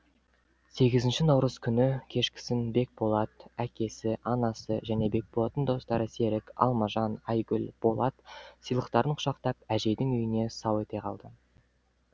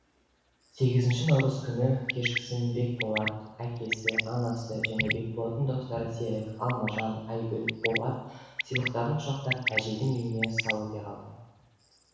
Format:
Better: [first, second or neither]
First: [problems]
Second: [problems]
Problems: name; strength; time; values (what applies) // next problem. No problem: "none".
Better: first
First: none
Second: background sound (Bird); 7 dB below the speech // room echo; dies away in 1.1 s